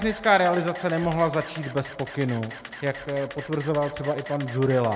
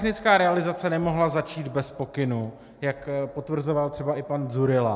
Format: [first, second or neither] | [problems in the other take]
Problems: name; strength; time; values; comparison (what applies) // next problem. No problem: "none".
second | background sound (Camera); 16 dB below the speech